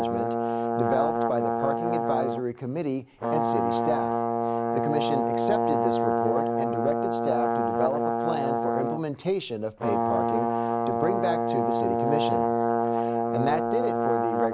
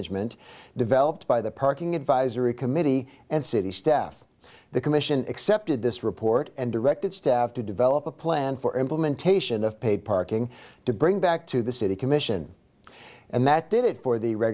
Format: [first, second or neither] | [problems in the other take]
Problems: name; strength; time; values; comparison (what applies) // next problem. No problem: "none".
second | background sound (Brass instrument); 5 dB above the speech